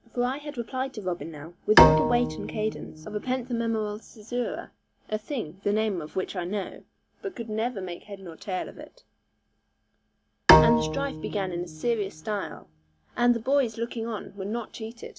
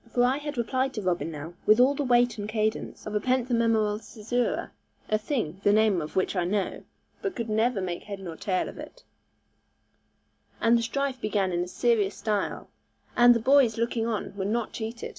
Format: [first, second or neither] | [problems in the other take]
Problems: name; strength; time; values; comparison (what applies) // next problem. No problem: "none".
second | background sound (Bowed string instrument); 4 dB above the speech